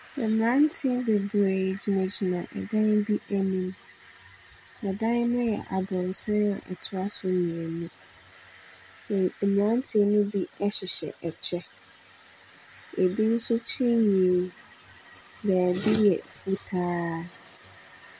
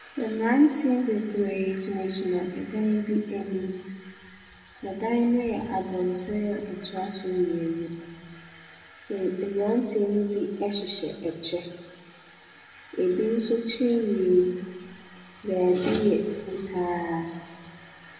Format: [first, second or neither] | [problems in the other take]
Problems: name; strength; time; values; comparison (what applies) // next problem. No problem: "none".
first | room echo; dies away in 1.4 s